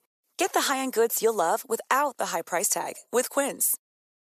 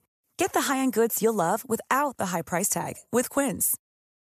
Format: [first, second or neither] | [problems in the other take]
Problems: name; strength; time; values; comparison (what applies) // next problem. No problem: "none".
second | thin; somewhat; fading below 450 Hz